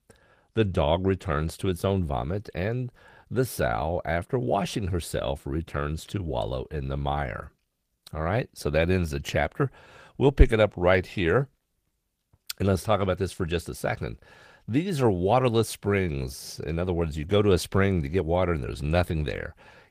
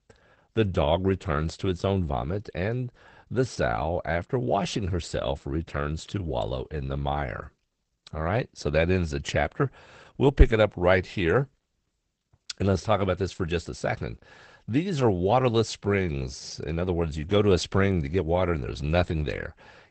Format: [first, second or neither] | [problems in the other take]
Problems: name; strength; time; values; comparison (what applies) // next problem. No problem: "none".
first | garbled, watery; badly; nothing above 8 kHz; slightly in the first